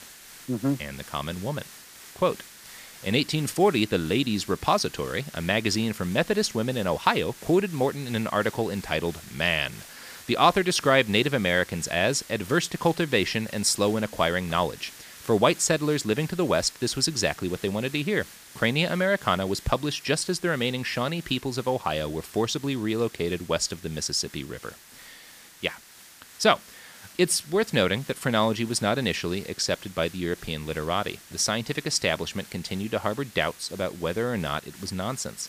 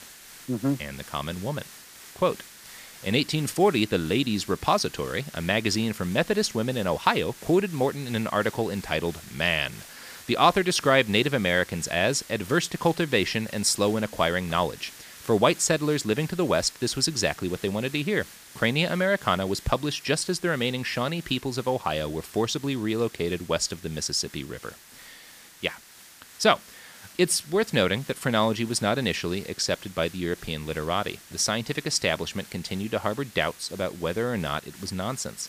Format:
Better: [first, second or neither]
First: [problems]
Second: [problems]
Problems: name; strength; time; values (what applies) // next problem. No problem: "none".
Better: neither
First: hiss; noticeable; throughout; 20 dB below the speech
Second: hiss; noticeable; throughout; 20 dB below the speech